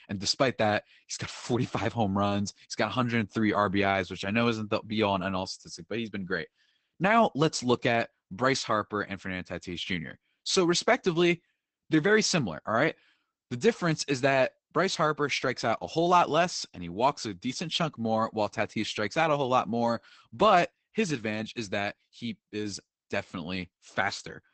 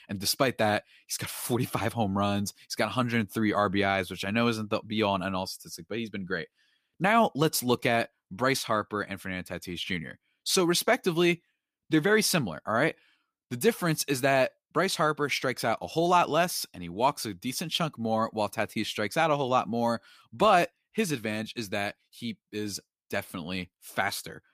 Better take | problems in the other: second | garbled, watery; badly; nothing above 8 kHz

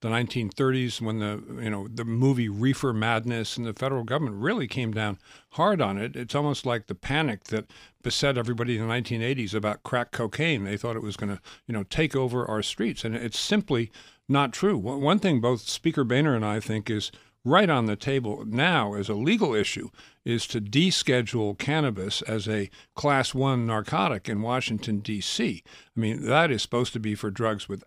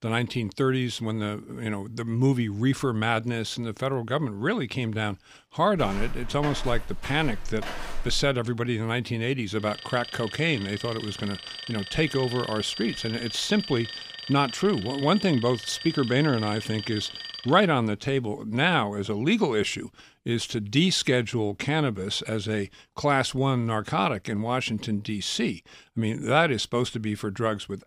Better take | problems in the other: first | footsteps; noticeable; from 6 to 8.5 s; peak 9 dB below the speech // alarm; noticeable; from 9.5 to 18 s; peak 8 dB below the speech

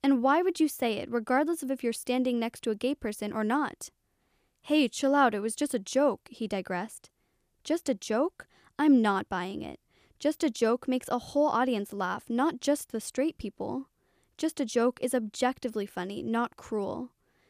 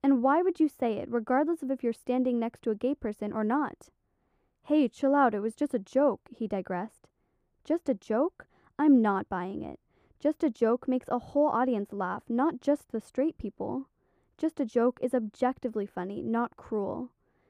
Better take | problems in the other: first | muffled; very; fading above 2 kHz

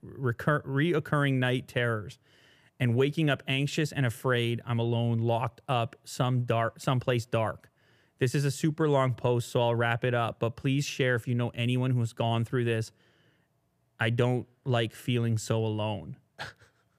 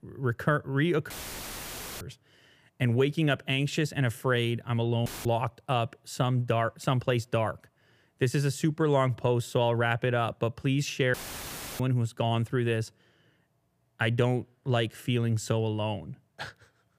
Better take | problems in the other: first | audio cutting out; filled with static; at 1 s for 1 s, at 5 s and at 11 s for 0.5 s

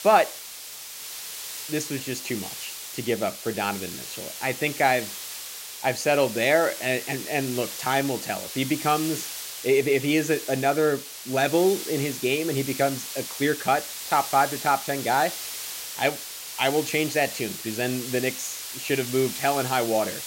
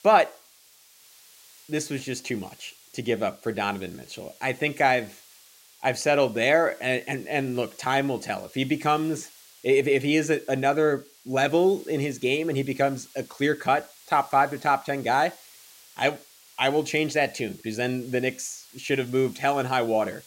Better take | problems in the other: second | hiss; loud; throughout; 8 dB below the speech; faint in the second

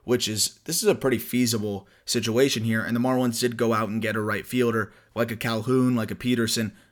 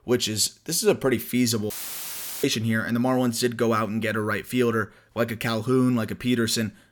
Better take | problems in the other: first | audio cutting out; filled with static; at 1.5 s for 0.5 s

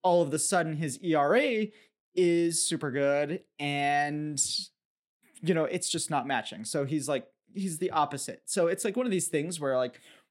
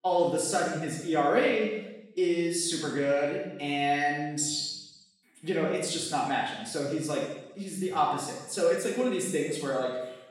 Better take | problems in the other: first | room echo; strong; dies away in 0.8 s // off-mic speech; far

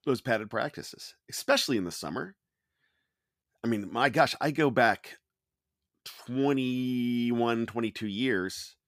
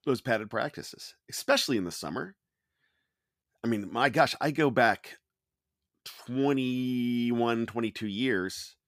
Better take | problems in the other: neither | none

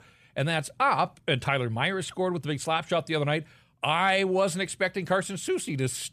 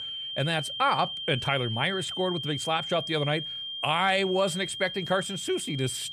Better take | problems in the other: first | high-pitched whine; loud; throughout; 3 kHz, 5 dB below the speech

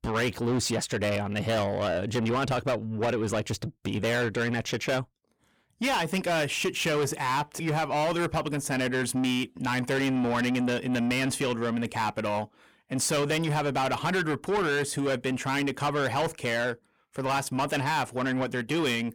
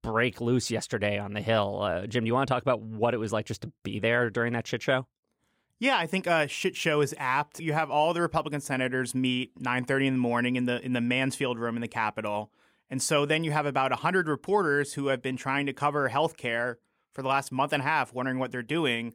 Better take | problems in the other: second | distortion; heavy; 7 dB below the speech

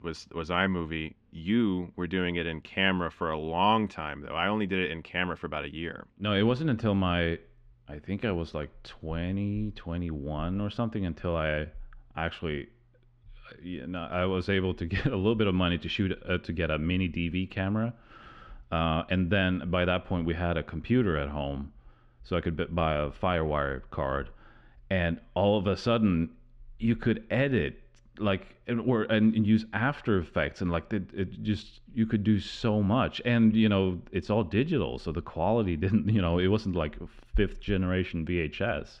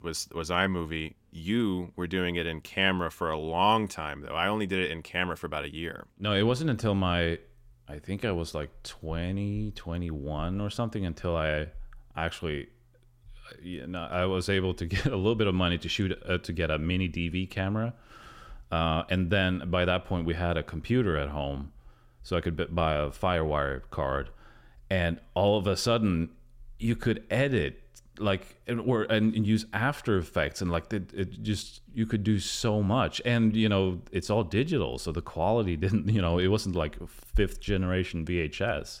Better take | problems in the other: second | muffled; slightly; fading above 3 kHz

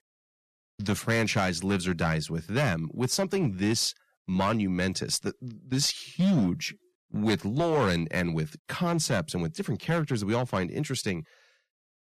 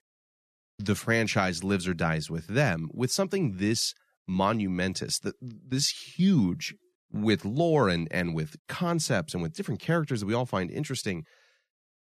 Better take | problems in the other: second | distortion; slight; 5% of the sound clipped

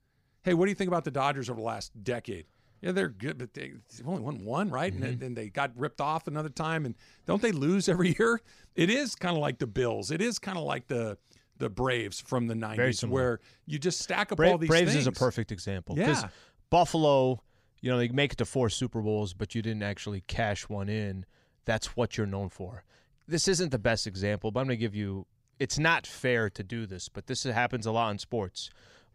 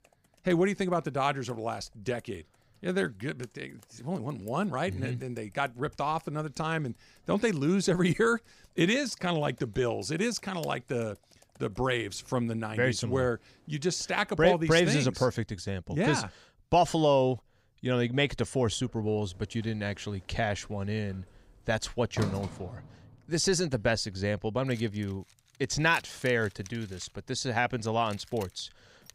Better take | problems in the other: first | household noises; noticeable; throughout; 20 dB below the speech

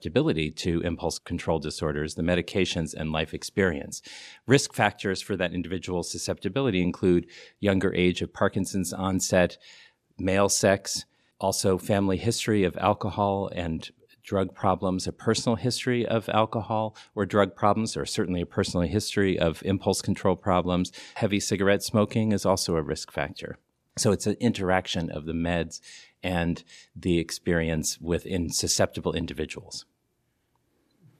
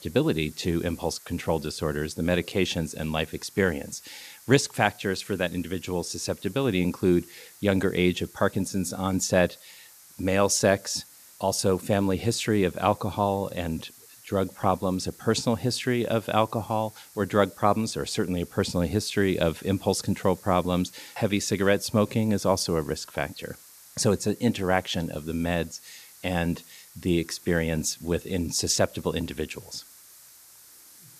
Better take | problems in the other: first | hiss; faint; throughout; 20 dB below the speech

